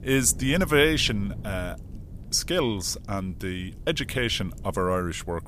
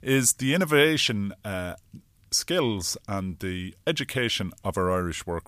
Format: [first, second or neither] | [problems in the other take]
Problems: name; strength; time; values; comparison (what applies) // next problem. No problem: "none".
second | wind noise on the microphone; occasional gusts; 25 dB below the speech